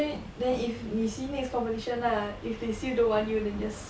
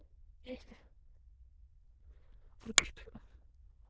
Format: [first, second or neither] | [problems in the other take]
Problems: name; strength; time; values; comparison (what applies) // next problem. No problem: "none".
first | noise reduction (neural diffusion model UNIVERSE++)